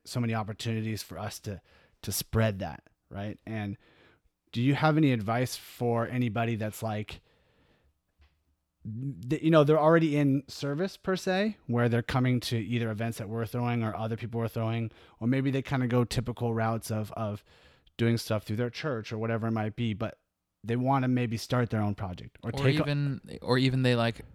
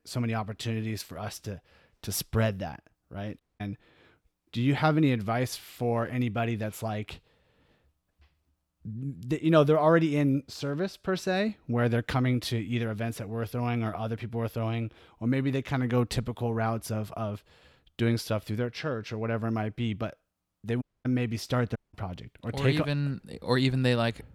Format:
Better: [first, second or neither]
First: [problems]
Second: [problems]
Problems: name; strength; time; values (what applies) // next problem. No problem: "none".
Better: first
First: none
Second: audio cutting out; at 3.5 s, at 21 s and at 22 s